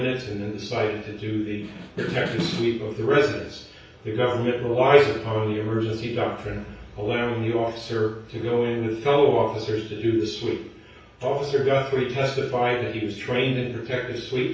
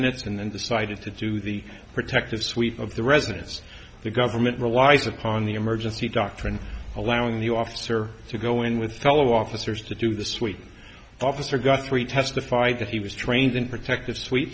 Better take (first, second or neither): second